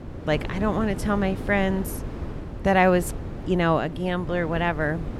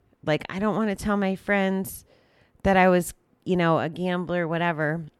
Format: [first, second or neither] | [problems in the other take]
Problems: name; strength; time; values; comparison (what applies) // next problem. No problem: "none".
second | wind noise on the microphone; occasional gusts; 15 dB below the speech